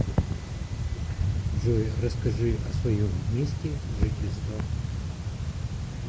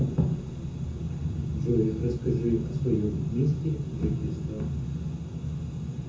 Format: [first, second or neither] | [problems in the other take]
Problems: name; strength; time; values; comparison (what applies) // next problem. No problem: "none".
first | room echo; dies away in 0.6 s